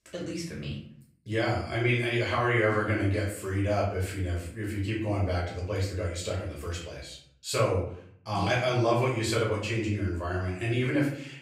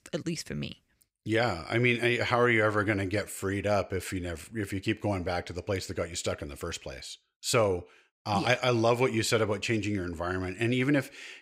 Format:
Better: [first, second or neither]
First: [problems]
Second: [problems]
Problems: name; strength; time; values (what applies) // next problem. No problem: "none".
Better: second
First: off-mic speech; far // room echo; noticeable; dies away in 0.5 s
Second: none